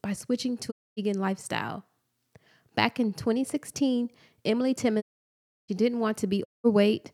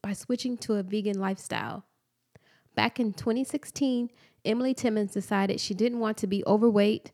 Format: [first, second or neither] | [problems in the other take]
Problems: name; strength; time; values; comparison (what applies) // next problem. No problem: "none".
second | audio cutting out; at 0.5 s, at 5 s for 0.5 s and at 6.5 s